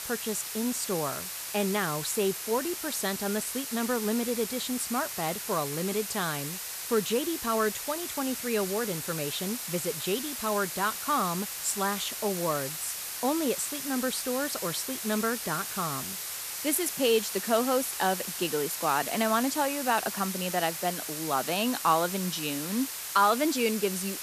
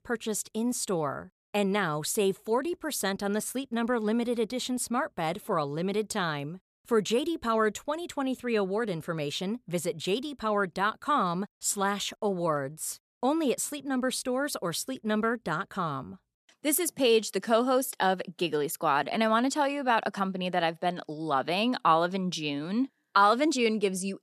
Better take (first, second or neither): second